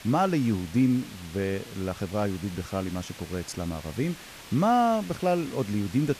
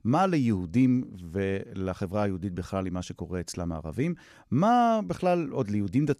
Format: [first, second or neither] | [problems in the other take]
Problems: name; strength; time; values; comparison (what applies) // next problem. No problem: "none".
second | hiss; noticeable; throughout; 15 dB below the speech